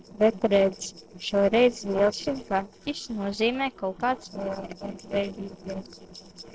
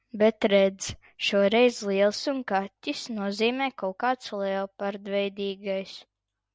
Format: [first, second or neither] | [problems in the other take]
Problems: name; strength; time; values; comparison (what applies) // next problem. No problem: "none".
second | noise reduction (neural separator model SepFormer DNS4)